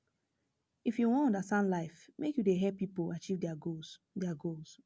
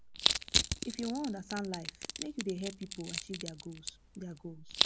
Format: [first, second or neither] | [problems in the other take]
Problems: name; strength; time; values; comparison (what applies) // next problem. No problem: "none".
first | background sound (Crushing); 4 dB above the speech